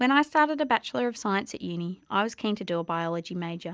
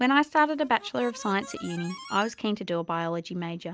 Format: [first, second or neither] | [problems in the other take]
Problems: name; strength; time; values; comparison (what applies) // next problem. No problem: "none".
first | background sound (Harmonica); 17 dB below the speech